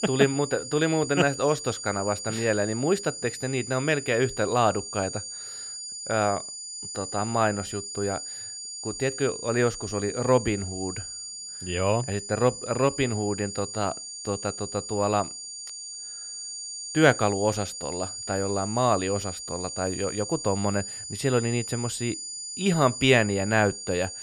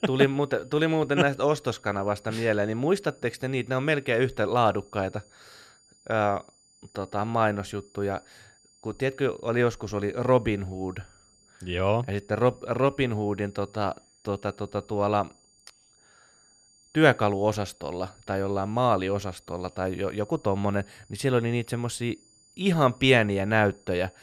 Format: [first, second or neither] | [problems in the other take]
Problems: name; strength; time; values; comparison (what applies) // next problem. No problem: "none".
second | high-pitched whine; loud; throughout; 7 kHz, 8 dB below the speech; faint in the second